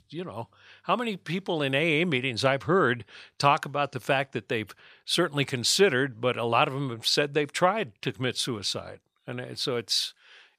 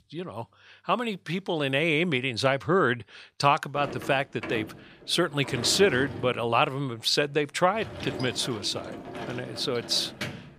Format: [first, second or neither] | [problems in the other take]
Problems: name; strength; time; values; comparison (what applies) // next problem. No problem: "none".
first | door banging; noticeable; from 4 s on; peak 8 dB below the speech